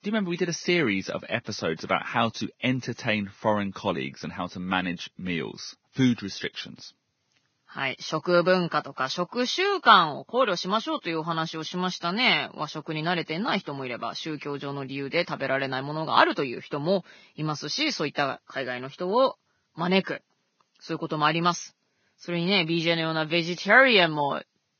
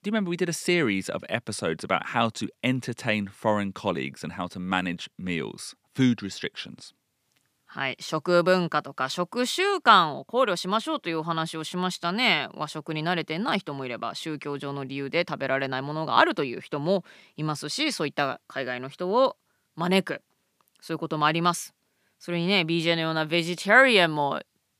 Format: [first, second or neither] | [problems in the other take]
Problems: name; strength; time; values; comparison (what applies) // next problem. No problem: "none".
second | garbled, watery; badly; nothing above 6.5 kHz